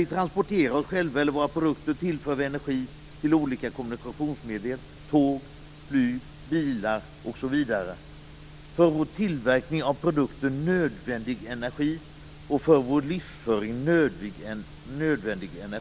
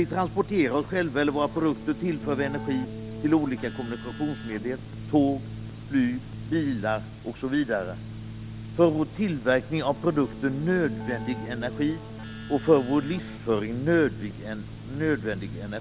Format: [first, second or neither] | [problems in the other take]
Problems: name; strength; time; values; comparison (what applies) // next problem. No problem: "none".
first | background sound (Keyboard (musical)); 11 dB below the speech